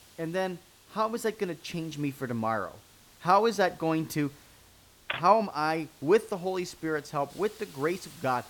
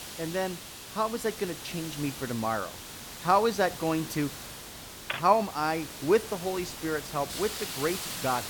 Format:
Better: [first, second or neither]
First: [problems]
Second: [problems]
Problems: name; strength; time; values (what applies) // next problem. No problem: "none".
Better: first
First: hiss; faint; throughout; 25 dB below the speech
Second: hiss; loud; throughout; 9 dB below the speech